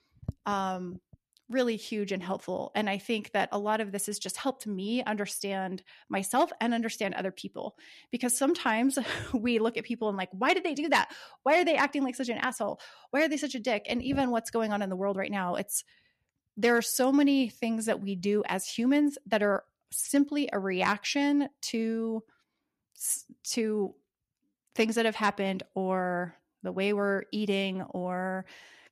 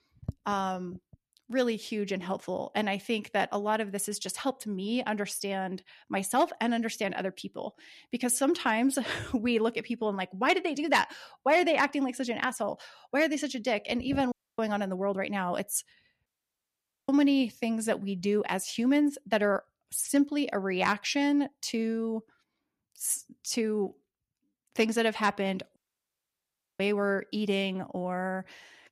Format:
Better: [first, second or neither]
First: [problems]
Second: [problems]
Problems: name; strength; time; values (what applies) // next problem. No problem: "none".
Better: first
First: none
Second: audio cutting out; at 14 s, at 16 s for 1 s and at 26 s for 1 s